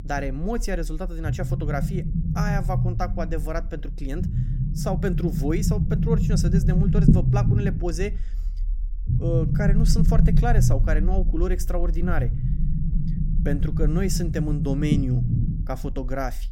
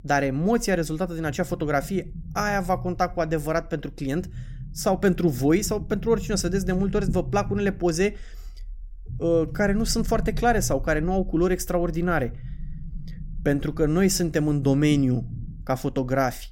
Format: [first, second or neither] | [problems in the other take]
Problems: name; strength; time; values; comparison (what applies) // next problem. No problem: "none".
second | low rumble; loud; throughout; 4 dB below the speech; faint in the second